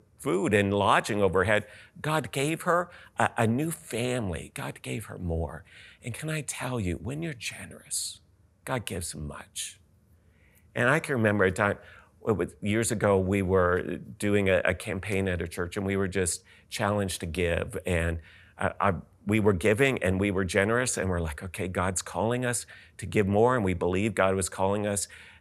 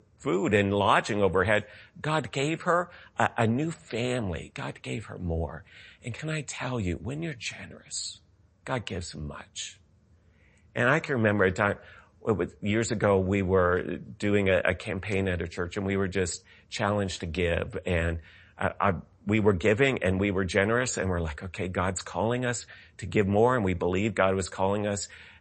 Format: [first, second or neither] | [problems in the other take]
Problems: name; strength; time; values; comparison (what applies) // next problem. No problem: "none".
first | garbled, watery; slightly; nothing above 8 kHz